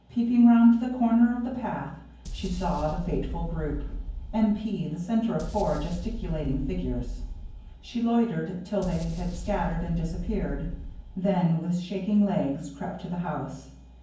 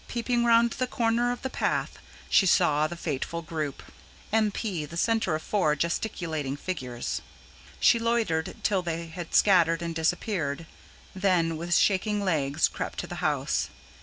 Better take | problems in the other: second | background sound (Boom); 8 dB below the speech // room echo; dies away in 0.9 s

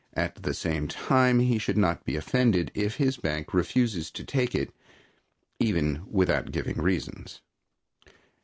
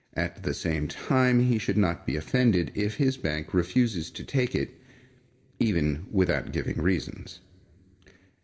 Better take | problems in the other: first | room echo; dies away in 1.3 s

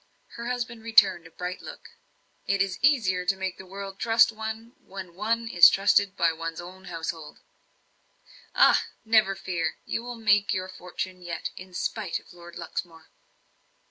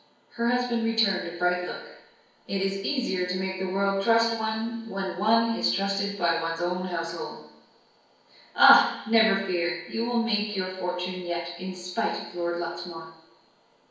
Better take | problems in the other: first | room echo; dies away in 1 s

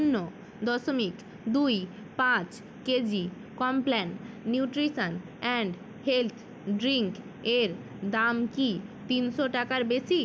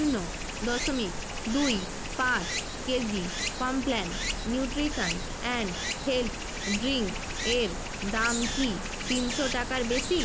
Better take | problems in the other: first | background sound (Stream); 3 dB below the speech

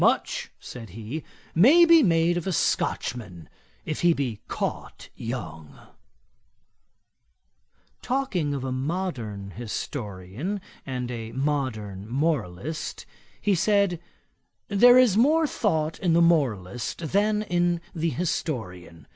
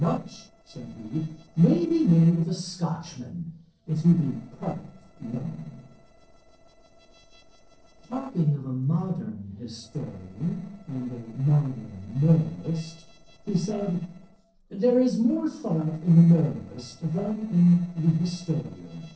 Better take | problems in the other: first | noise reduction (neural separator model SepFormer DNS4)

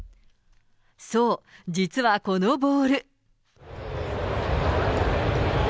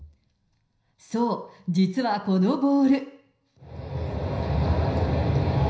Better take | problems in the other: first | room echo; dies away in 0.5 s

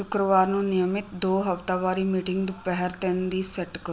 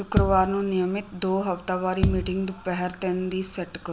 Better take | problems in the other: first | background sound (Bass drum); 4 dB below the speech

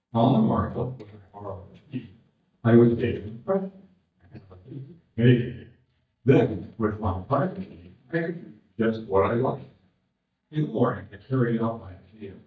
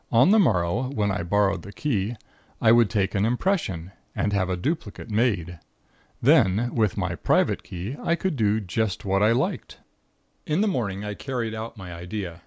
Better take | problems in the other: second | noise reduction (neural mask model DeepFilterNet 3)

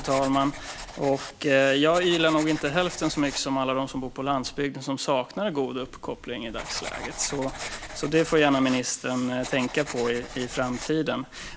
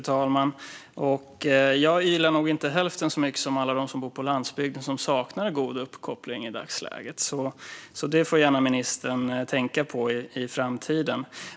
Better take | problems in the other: second | background sound (Writing); 14 dB below the speech

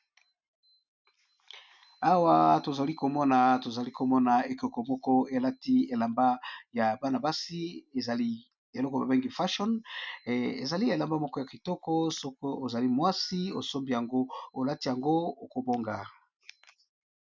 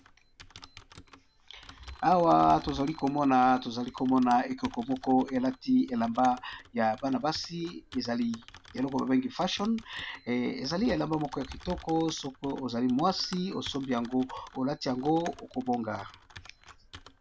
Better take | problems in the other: first | background sound (Typing); 20 dB below the speech

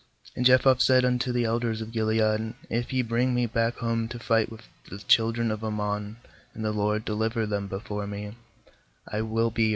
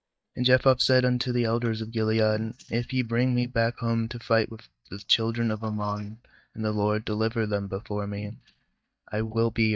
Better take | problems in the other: first | noise reduction (neural mask model DeepFilterNet 3)

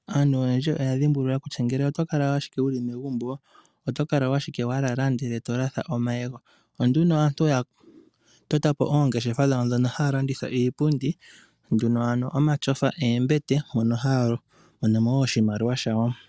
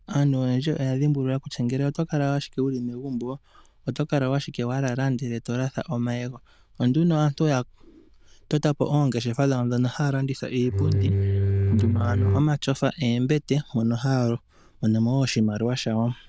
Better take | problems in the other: first | noise reduction (neural diffusion model UNIVERSE++)

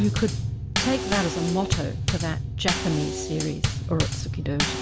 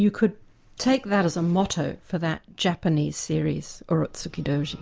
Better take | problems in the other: second | background sound (Bass drum / Snare drum / Drum kit); as loud as the speech

